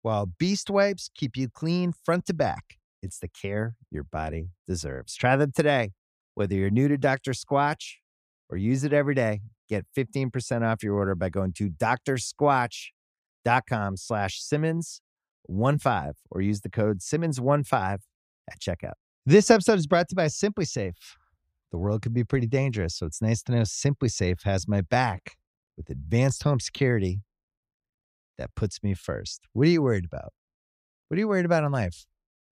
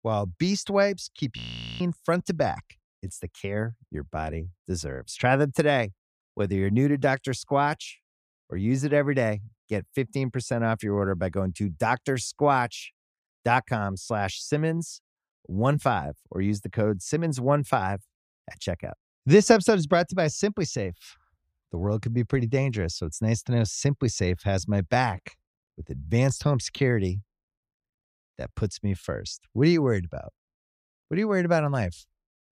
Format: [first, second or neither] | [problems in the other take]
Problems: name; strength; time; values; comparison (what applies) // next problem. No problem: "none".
first | audio freezing; at 1.5 s